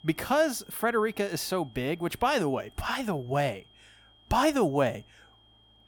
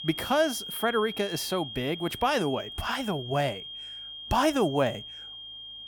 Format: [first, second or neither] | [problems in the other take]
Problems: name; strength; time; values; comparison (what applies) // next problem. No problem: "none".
first | high-pitched whine; loud; throughout; 3 kHz, 10 dB below the speech; faint in the first